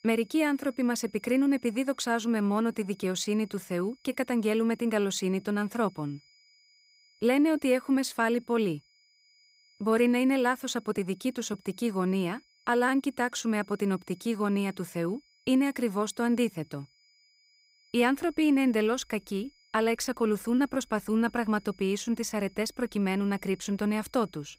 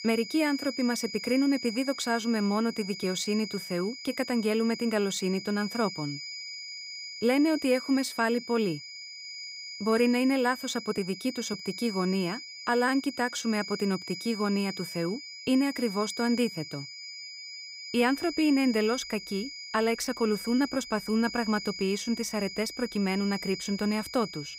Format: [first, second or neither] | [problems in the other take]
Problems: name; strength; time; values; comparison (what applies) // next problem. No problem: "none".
first | high-pitched whine; loud; throughout; 5 kHz, 10 dB below the speech; faint in the first